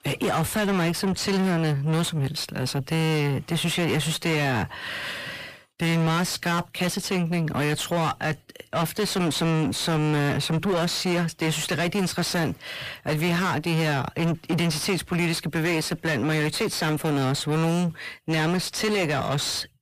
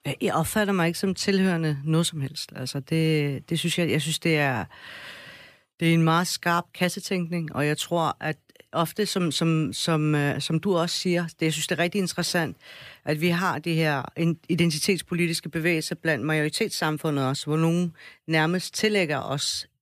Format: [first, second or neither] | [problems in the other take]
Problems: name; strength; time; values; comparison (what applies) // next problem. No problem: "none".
second | distortion; heavy; 7 dB below the speech